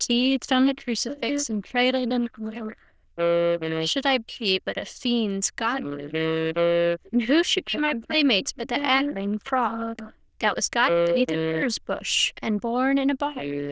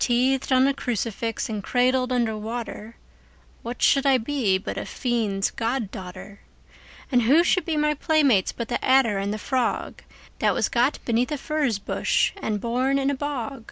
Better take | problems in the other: second | noise reduction (neural diffusion model UNIVERSE++)

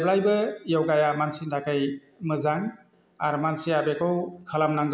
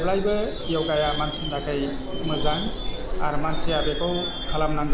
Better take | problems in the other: first | background sound (Screech / Subway, metro, underground); 1 dB above the speech

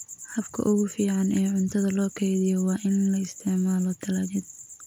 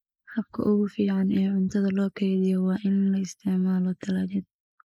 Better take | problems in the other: first | noise reduction (neural mask model Resemble Enhance denoiser)

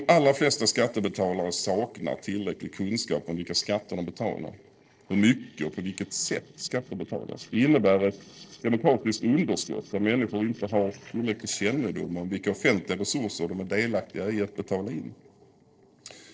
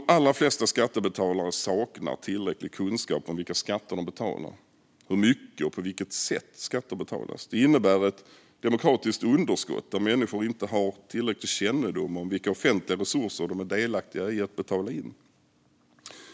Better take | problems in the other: second | noise reduction (neural separator model SepFormer DNS4)

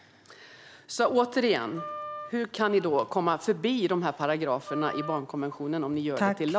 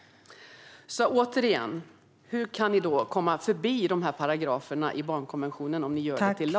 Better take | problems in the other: second | background sound (Wind instrument, woodwind instrument); 13 dB below the speech

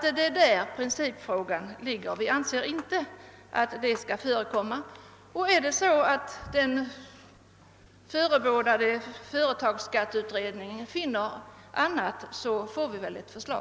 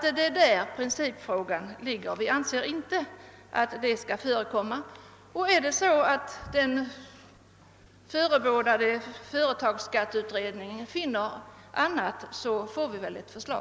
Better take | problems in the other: second | background sound (Clapping); 19 dB below the speech

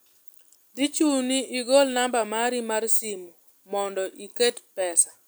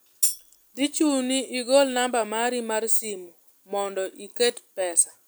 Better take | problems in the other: first | background sound (Tambourine); 4 dB below the speech

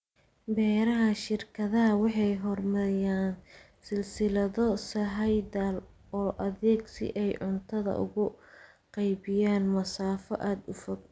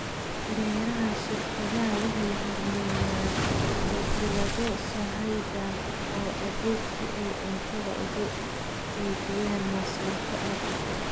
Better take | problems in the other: first | background sound (Waves, surf); 2 dB above the speech

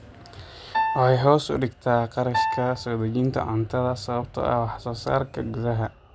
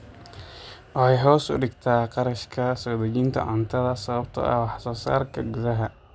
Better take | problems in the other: second | background sound (Piano); 5 dB below the speech

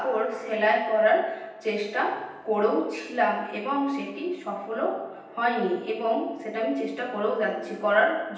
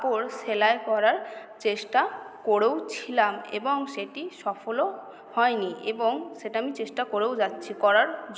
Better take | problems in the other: second | room echo; dies away in 0.9 s

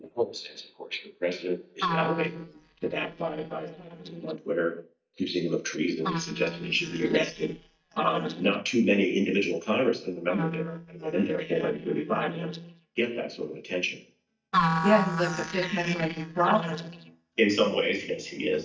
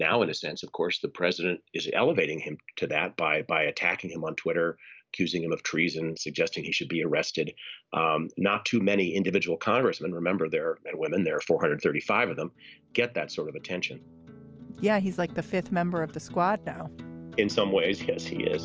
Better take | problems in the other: second | noise reduction (neural mask model DeepFilterNet 3)

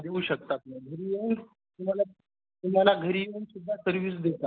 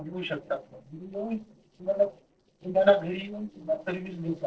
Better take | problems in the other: first | noise reduction (neural separator model SepFormer DNS4)

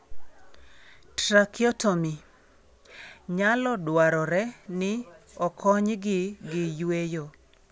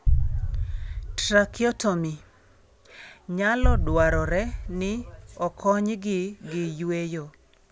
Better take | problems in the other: first | background sound (Boom); 1 dB below the speech

